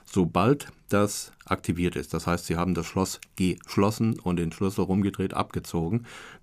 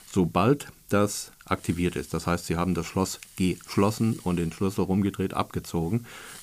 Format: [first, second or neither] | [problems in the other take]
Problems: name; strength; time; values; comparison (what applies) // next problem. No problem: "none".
first | hiss; faint; throughout; 20 dB below the speech